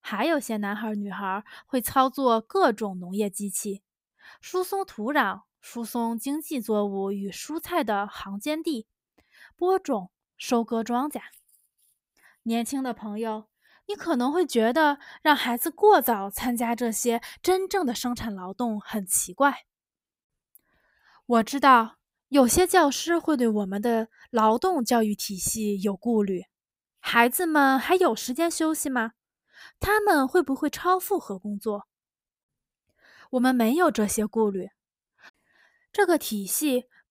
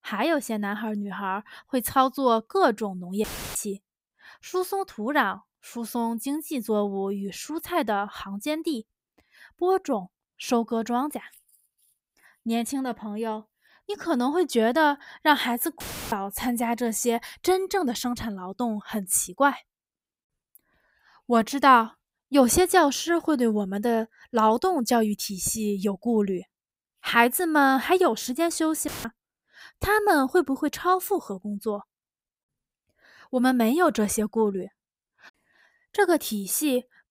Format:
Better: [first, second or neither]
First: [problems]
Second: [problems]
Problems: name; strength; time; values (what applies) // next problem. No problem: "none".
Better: first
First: none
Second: audio cutting out; filled with static; at 3 s, at 16 s and at 29 s